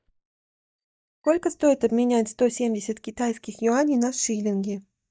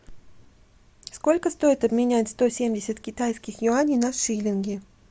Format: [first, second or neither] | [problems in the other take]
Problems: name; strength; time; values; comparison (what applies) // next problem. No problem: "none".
second | noise reduction (neural mask model DeepFilterNet 3)